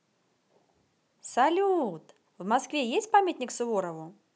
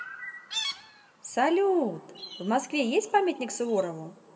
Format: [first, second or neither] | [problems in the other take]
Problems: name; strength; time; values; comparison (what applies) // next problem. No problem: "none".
first | background sound (Chirp, tweet); 13 dB below the speech // room echo; dies away in 1 s